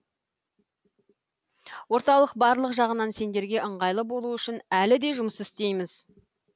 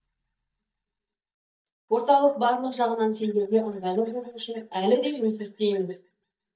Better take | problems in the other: first | noise reduction (neural mask model DeepFilterNet 3)

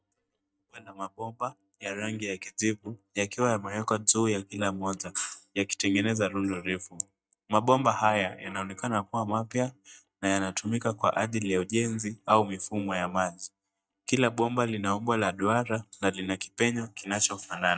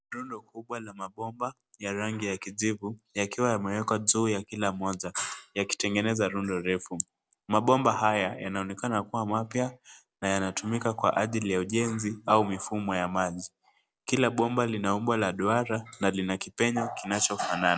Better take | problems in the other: second | noise reduction (neural mask model DeepFilterNet 3)

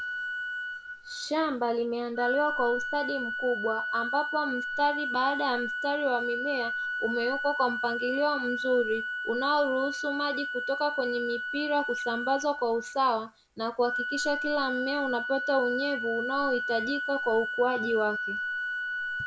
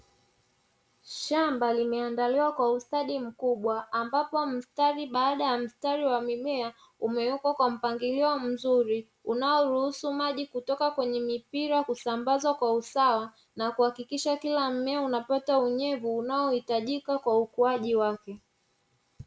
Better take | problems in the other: second | background sound (Organ); 4 dB below the speech

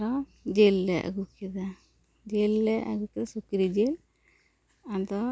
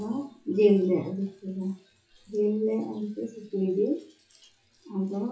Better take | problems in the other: first | noise reduction (classical method WPE with log-MMSE)

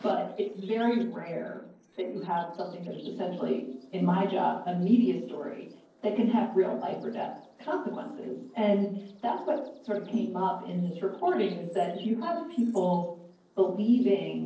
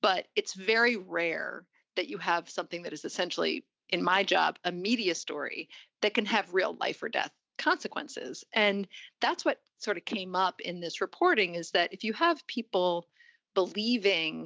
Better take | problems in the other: second | noise reduction (neural separator model SepFormer DNS4)

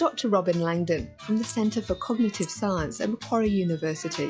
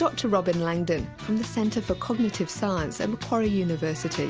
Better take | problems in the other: second | noise reduction (classical method log-MMSE)

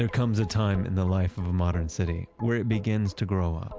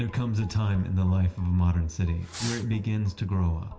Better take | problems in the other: first | background sound (Fireworks); 16 dB below the speech // room echo; dies away in 0.8 s

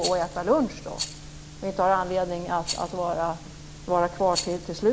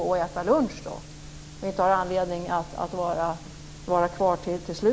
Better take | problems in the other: second | background sound (Rattle); 13 dB below the speech

